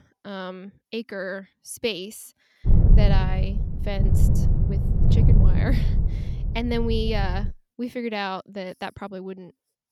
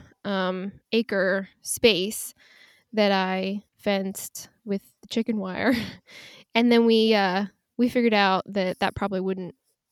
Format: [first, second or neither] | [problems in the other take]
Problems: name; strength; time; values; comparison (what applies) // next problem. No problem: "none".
second | wind noise on the microphone; heavy; from 2.5 to 7.5 s; 5 dB below the speech